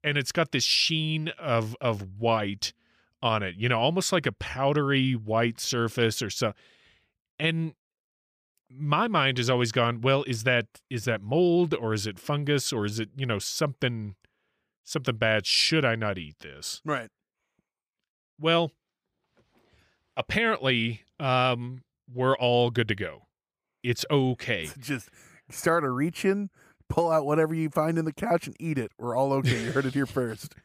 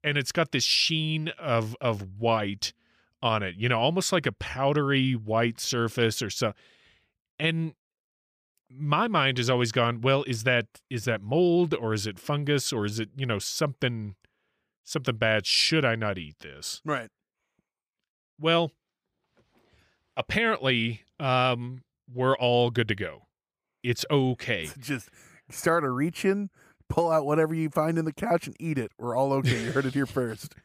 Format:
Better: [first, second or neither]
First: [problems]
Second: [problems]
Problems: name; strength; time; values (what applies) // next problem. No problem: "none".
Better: neither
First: none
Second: none